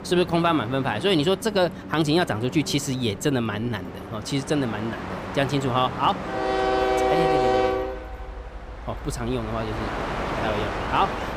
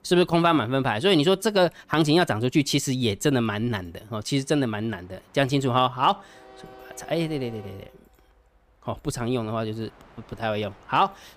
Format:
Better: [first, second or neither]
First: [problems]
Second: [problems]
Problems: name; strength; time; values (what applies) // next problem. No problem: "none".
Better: second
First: train or aircraft noise; loud; throughout; 4 dB below the speech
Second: train or aircraft noise; faint; throughout; 30 dB below the speech